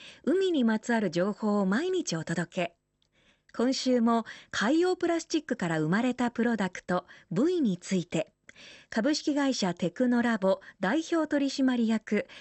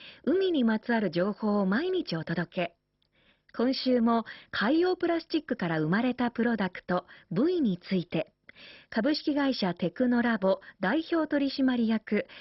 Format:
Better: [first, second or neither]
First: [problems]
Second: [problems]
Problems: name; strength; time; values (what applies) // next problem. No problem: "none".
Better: first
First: garbled, watery; slightly; nothing above 8 kHz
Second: garbled, watery; badly; nothing above 5.5 kHz